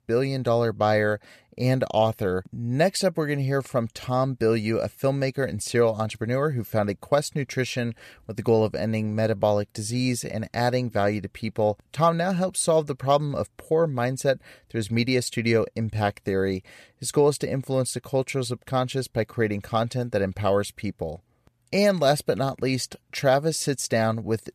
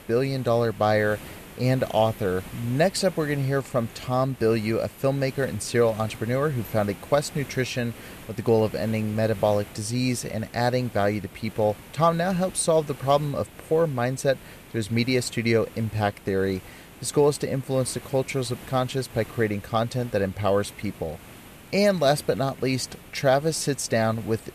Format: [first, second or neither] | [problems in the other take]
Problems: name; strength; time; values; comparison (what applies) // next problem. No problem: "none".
first | hiss; noticeable; throughout; 20 dB below the speech